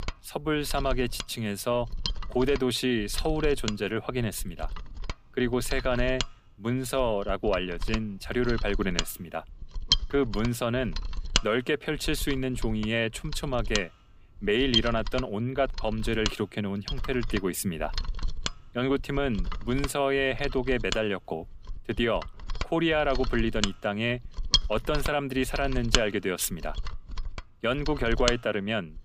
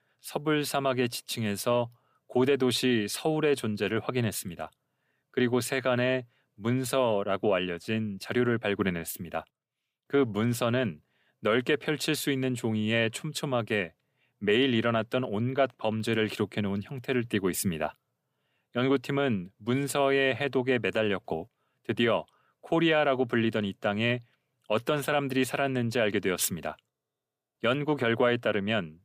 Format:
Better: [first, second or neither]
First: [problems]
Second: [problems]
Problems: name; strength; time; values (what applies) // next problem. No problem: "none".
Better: second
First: machinery noise; loud; throughout; 5 dB below the speech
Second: none